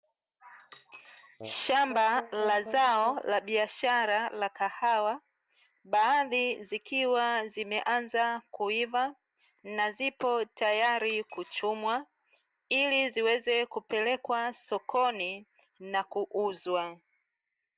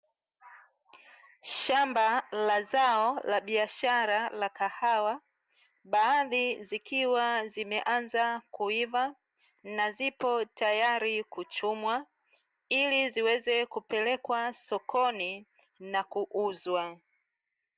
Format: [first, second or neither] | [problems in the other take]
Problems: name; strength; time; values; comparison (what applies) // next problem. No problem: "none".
second | background sound (Coin (dropping) + Brass instrument); 17 dB below the speech